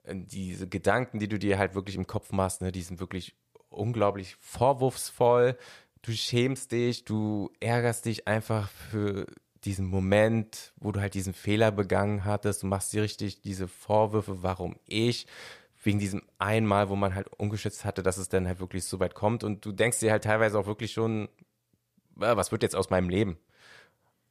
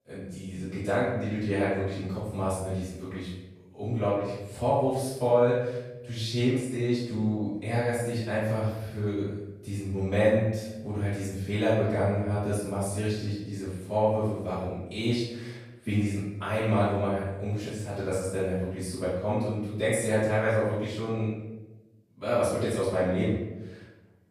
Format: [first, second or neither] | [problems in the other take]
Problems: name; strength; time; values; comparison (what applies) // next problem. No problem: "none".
first | off-mic speech; far // room echo; strong; dies away in 0.9 s